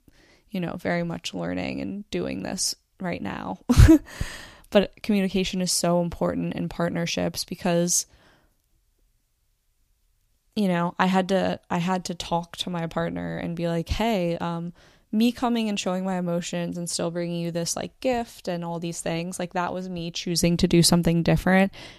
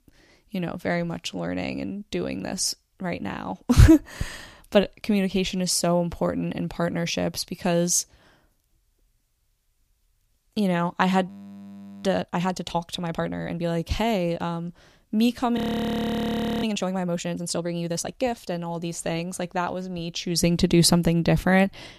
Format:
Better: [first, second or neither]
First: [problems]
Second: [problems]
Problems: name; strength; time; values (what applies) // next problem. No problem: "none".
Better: first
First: none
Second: audio freezing; at 11 s for 1 s and at 16 s for 1 s